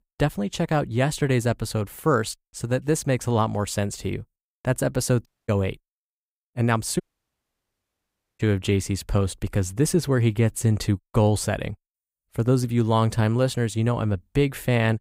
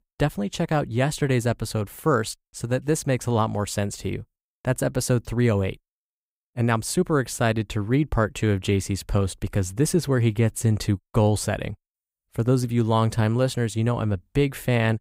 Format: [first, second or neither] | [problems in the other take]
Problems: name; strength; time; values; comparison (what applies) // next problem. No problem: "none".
second | audio cutting out; at 5.5 s and at 7 s for 1.5 s